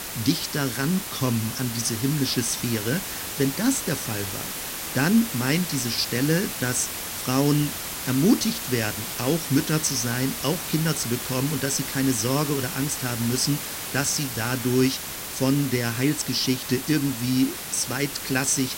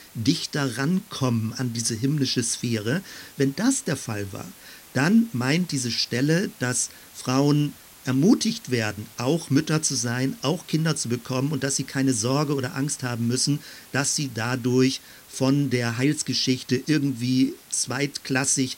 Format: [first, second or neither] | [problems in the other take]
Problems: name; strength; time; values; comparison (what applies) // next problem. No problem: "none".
second | hiss; loud; throughout; 5 dB below the speech; faint in the second